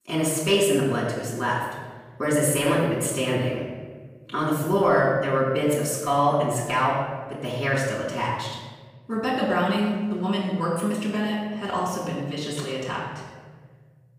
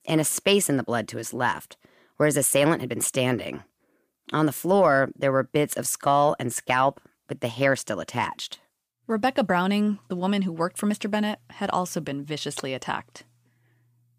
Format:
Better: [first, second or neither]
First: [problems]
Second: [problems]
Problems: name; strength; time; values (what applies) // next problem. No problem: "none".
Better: second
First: off-mic speech; far // room echo; noticeable; dies away in 1.4 s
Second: none